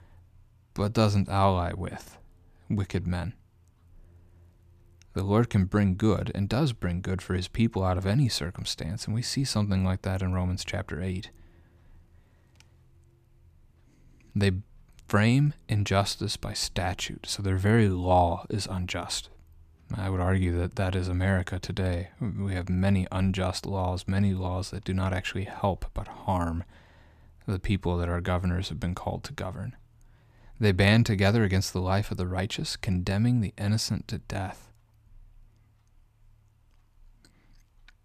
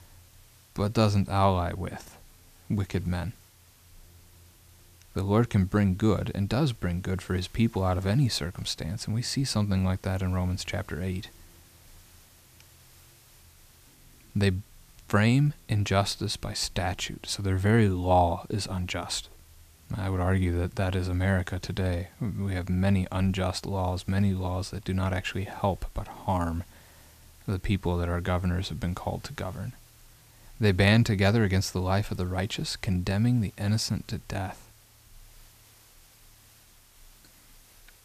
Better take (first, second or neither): first